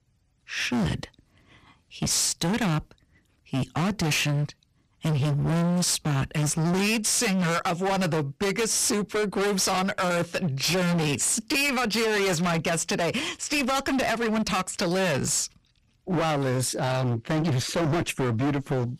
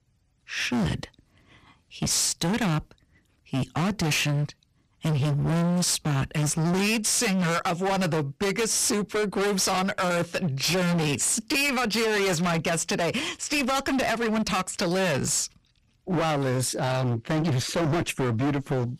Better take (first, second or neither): neither